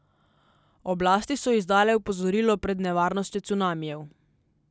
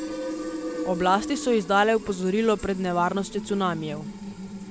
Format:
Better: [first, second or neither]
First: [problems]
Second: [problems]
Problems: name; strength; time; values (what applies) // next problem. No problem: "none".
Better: first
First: none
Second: background sound (Fill (with liquid)); 9 dB below the speech